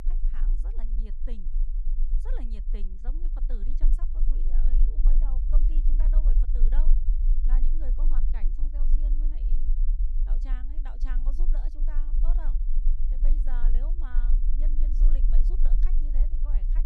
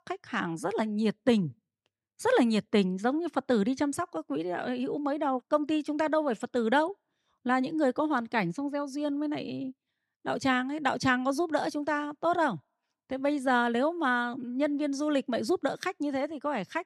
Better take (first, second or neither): second